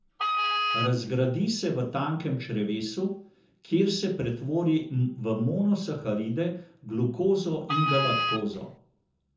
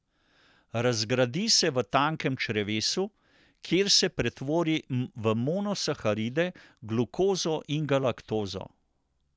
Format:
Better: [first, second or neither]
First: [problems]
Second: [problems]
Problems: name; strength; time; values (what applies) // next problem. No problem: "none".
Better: second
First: background sound (Wind instrument, woodwind instrument); 1 dB below the speech // room echo; dies away in 0.6 s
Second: none